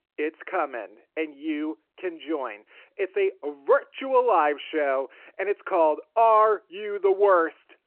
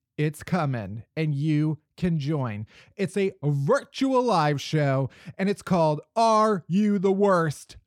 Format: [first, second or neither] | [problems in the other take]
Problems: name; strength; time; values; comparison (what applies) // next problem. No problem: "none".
second | phone-call audio